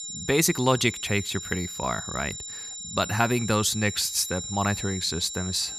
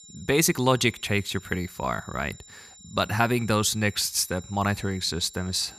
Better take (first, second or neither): second